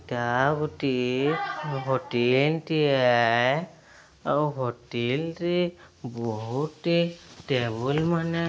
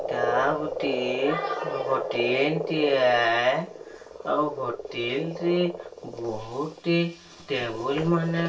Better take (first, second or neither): first